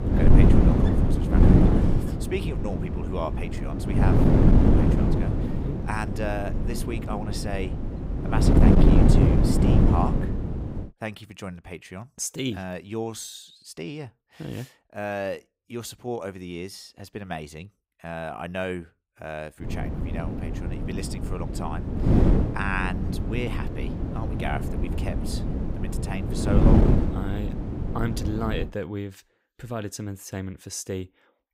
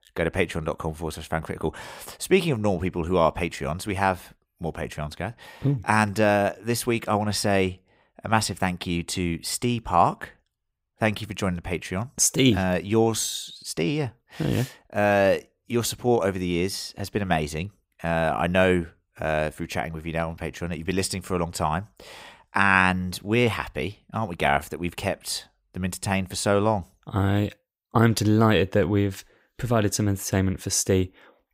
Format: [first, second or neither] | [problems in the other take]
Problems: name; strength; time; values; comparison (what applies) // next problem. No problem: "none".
second | wind noise on the microphone; heavy; until 11 s and from 20 to 29 s; 3 dB above the speech